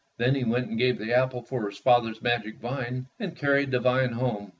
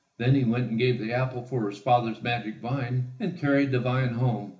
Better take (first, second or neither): first